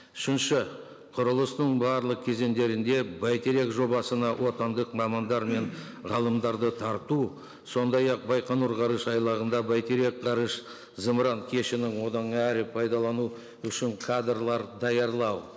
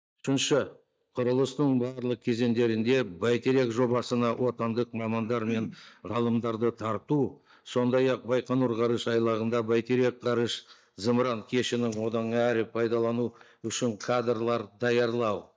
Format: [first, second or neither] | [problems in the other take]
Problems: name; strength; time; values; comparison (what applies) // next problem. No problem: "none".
first | noise reduction (neural mask model DeepFilterNet 3)